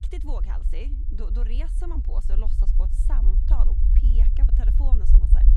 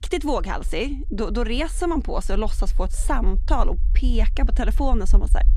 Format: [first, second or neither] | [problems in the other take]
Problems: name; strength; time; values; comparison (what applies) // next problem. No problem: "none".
second | low rumble; loud; throughout; 2 dB below the speech; faint in the second